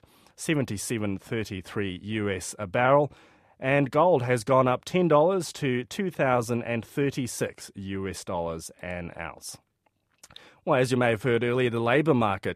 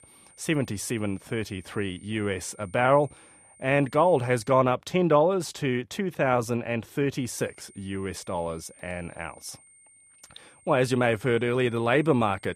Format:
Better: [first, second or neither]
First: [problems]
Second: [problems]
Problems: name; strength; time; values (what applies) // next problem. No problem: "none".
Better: first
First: none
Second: high-pitched whine; faint; until 4.5 s and from 7.5 s on; 9 kHz, 25 dB below the speech